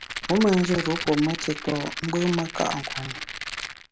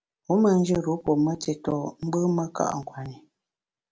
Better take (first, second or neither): second